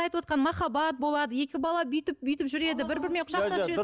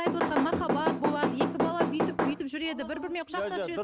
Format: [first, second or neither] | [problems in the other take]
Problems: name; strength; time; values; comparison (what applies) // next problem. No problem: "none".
first | background sound (Knock / Wood); 3 dB above the speech